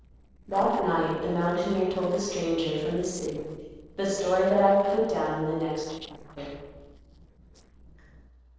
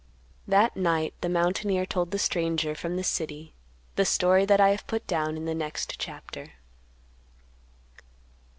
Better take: second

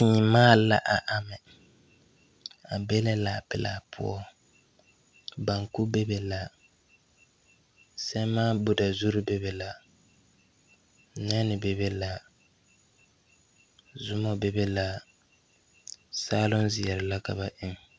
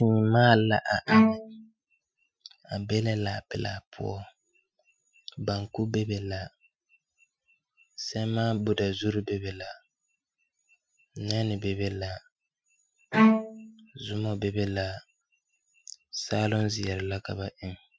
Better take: first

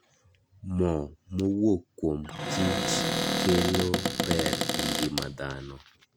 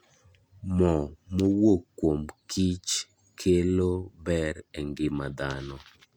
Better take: second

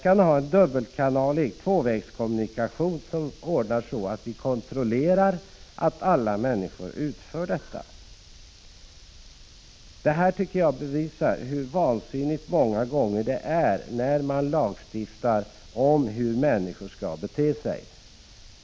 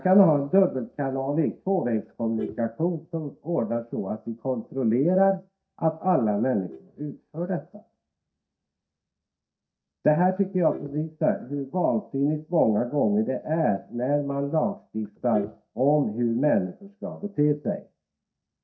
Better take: first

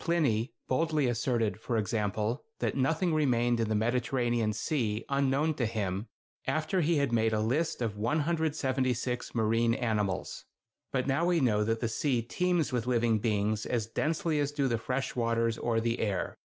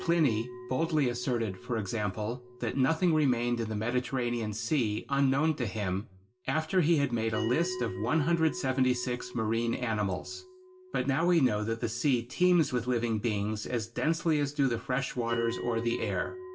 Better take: first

